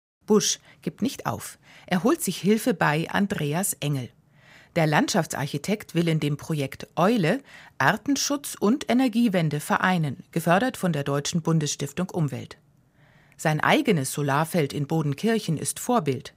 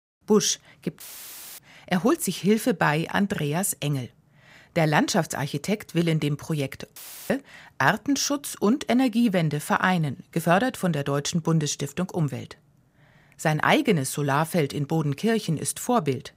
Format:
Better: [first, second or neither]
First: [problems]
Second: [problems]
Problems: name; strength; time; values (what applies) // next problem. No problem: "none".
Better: first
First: none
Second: audio cutting out; filled with static; at 1 s for 0.5 s and at 7 s